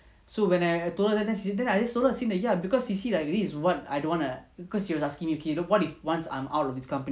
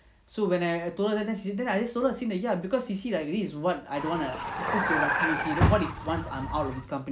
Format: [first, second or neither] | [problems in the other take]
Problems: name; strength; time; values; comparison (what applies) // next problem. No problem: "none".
first | background sound (Vehicle); 1 dB above the speech